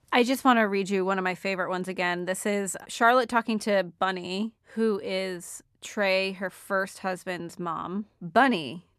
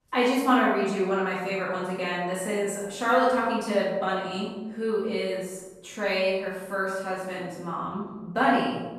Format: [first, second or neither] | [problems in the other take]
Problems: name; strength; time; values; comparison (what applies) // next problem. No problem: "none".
first | off-mic speech; far // room echo; noticeable; dies away in 1 s